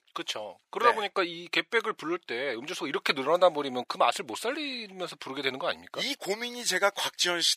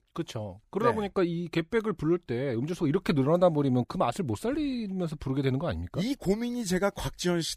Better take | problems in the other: second | thin; very; fading below 600 Hz

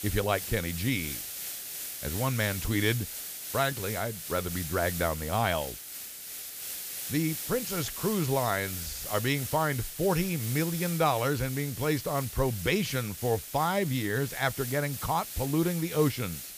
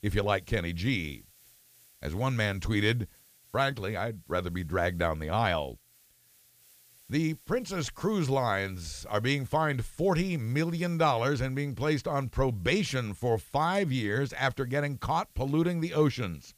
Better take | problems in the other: second | hiss; loud; throughout; 6 dB below the speech; faint in the second

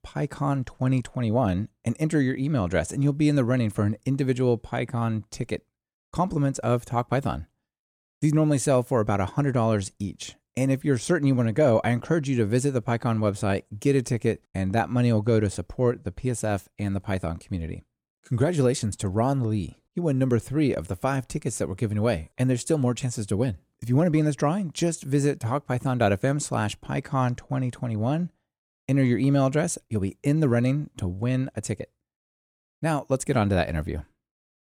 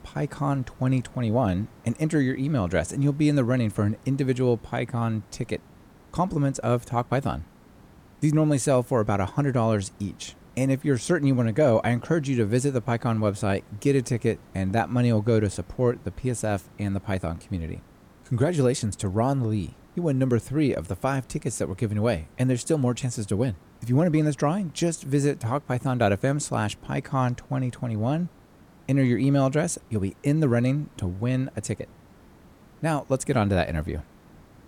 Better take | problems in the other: first | hiss; faint; throughout; 25 dB below the speech

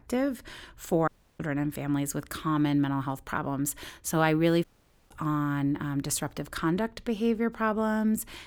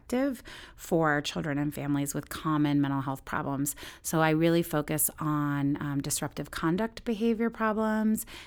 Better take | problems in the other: second | audio cutting out; at 1 s and at 4.5 s

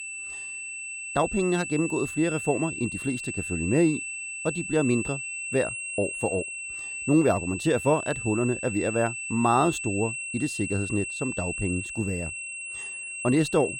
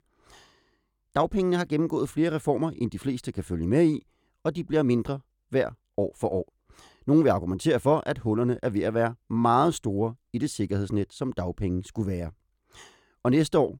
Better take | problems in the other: second | high-pitched whine; loud; throughout; 2.5 kHz, 5 dB below the speech

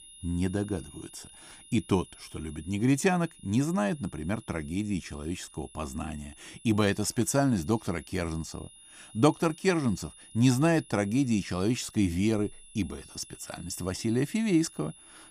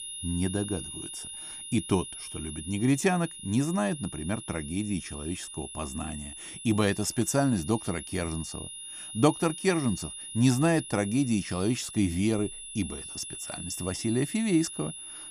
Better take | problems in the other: first | high-pitched whine; loud; throughout; 10.5 kHz, 10 dB below the speech; faint in the first

